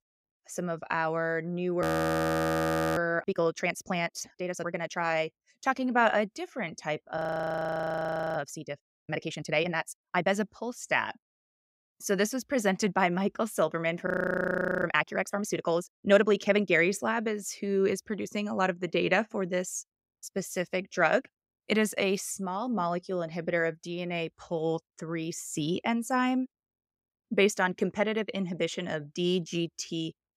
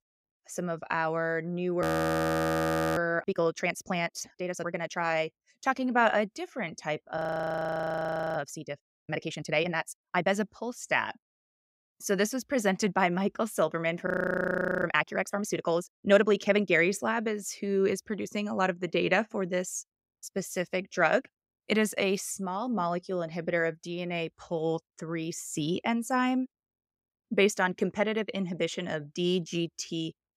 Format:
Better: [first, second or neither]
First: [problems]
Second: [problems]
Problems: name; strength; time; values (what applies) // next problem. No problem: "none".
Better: neither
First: audio freezing; at 2 s for 1 s, at 7 s for 1 s and at 14 s for 1 s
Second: audio freezing; at 2 s for 1 s, at 7 s for 1 s and at 14 s for 1 s